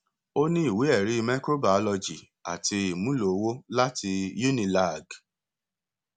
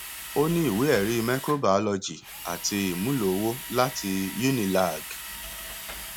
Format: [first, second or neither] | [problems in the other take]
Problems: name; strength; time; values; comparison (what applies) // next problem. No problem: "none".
first | background sound (Drill); 12 dB below the speech